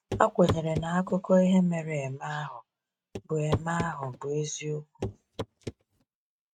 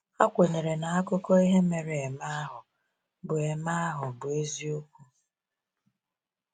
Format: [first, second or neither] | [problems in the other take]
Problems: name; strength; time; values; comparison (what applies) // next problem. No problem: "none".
second | noise reduction (neural mask model RNNoise)